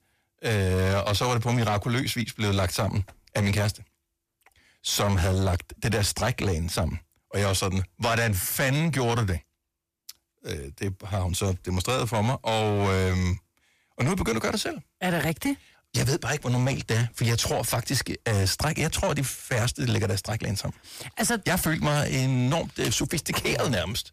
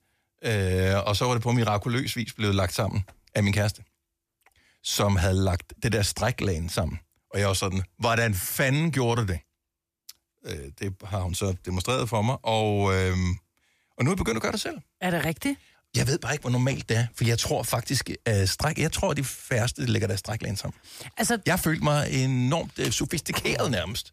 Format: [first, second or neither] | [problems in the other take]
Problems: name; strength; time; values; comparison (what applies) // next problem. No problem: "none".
second | distortion; slight; 13% of the sound clipped